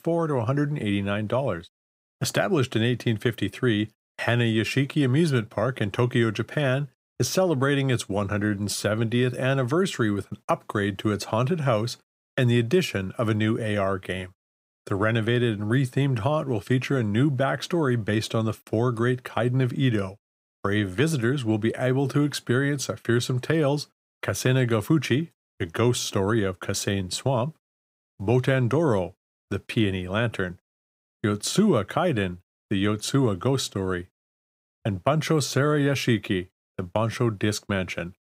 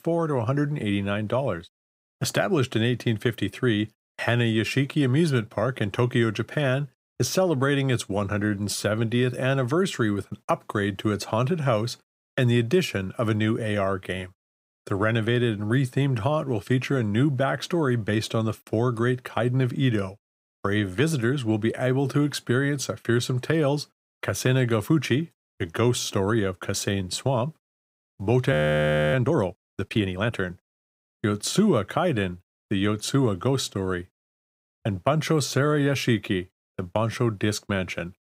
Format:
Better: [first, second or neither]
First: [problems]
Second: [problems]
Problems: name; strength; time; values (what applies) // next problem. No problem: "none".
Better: first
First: none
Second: audio freezing; at 29 s for 0.5 s